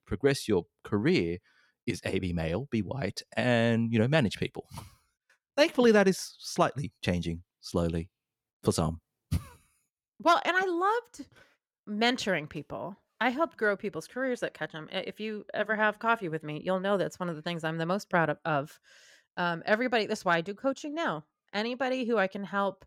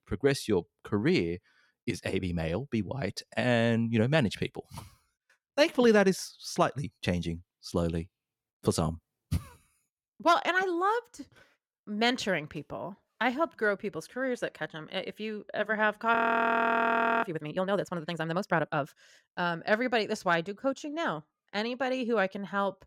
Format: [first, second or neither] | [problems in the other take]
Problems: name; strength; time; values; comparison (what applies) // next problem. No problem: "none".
first | audio freezing; at 16 s for 1 s